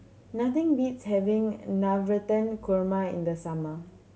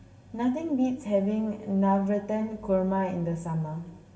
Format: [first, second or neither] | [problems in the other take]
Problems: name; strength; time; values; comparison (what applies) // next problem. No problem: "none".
first | room echo; dies away in 2.1 s